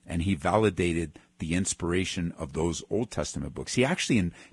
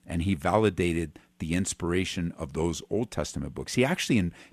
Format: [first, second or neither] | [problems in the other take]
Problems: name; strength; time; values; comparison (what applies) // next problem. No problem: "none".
second | garbled, watery; badly